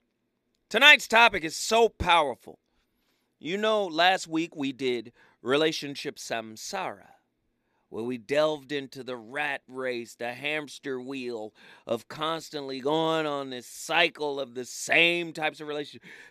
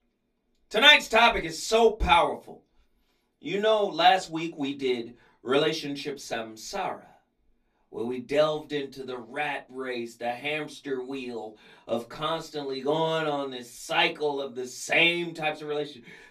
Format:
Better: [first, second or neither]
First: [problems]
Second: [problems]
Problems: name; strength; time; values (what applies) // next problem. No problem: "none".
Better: first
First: none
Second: off-mic speech; far // room echo; very slight; dies away in 0.2 s